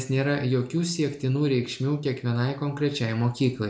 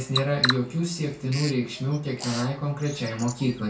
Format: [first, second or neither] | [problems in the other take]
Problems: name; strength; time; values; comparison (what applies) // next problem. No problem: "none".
first | background sound (Bird vocalization, bird call, bird song); 7 dB below the speech // room echo; dies away in 0.2 s